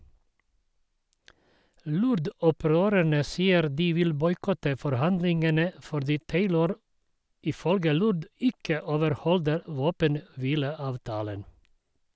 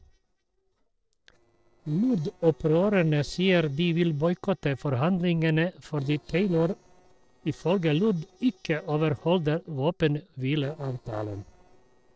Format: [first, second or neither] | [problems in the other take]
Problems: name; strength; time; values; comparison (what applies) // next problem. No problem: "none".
first | noise reduction (neural separator model SepFormer DNS4)